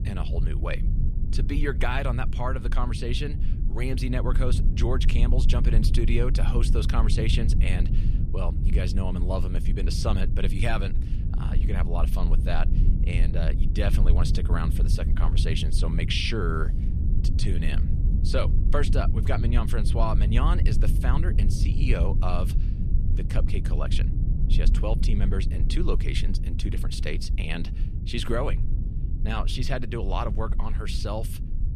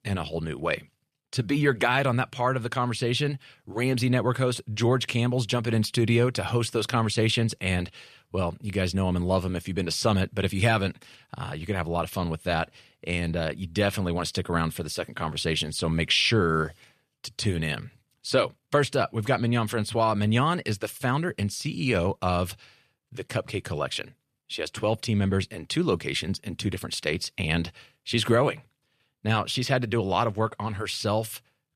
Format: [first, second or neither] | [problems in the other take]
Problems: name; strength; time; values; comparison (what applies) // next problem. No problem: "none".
second | low rumble; loud; throughout; 9 dB below the speech